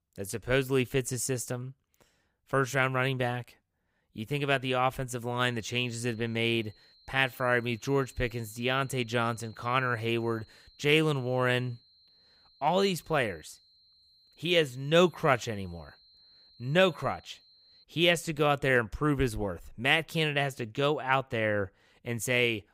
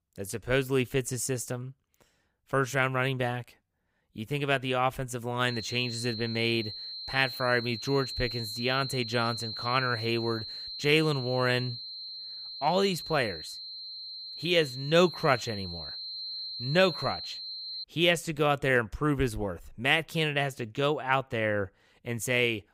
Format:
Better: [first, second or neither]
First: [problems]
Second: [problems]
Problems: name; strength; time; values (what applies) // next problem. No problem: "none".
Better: first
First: high-pitched whine; faint; from 5.5 to 18 s; 4 kHz, 30 dB below the speech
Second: high-pitched whine; loud; from 5.5 to 18 s; 4 kHz, 8 dB below the speech